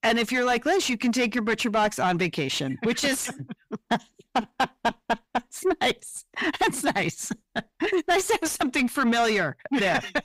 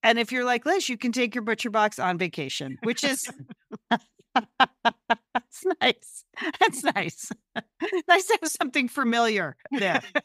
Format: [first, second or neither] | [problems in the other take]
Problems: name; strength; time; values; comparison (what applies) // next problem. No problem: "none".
second | distortion; heavy; 7 dB below the speech